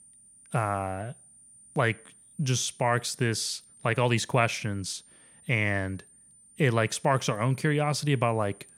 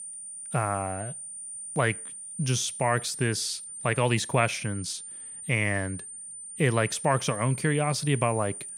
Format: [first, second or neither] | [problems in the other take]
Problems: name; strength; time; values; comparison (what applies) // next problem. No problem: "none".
first | high-pitched whine; loud; throughout; 9 kHz, 9 dB below the speech; faint in the first